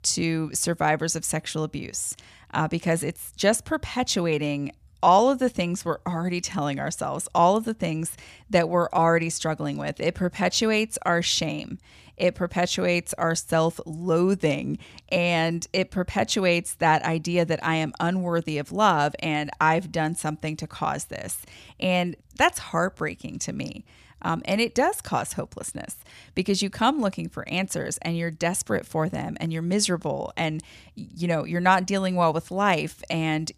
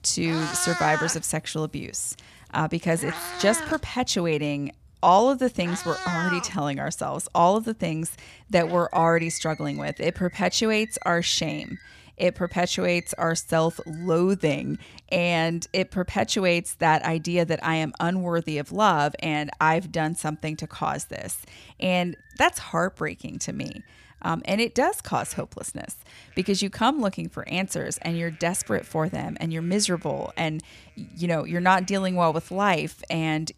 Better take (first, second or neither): first